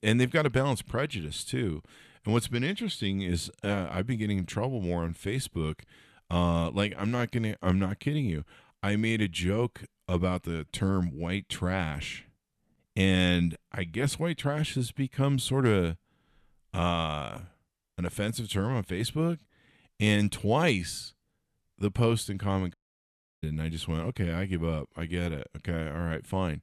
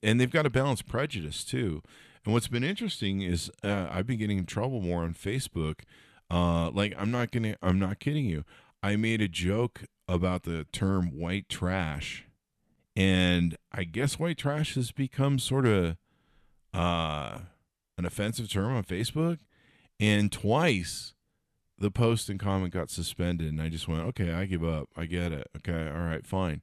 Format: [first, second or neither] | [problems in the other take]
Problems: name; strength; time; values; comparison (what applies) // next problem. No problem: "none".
second | audio cutting out; at 23 s for 0.5 s